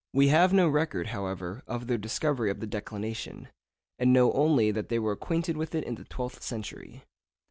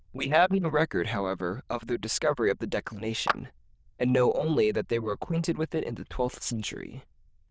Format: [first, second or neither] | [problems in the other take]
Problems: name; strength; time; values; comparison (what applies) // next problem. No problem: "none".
first | noise reduction (neural diffusion model UNIVERSE++)